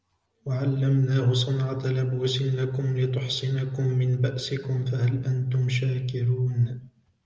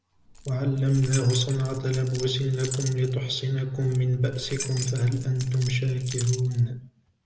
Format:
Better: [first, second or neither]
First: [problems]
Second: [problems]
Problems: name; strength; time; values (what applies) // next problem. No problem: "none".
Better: first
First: none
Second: background sound (Keys jangling); 13 dB below the speech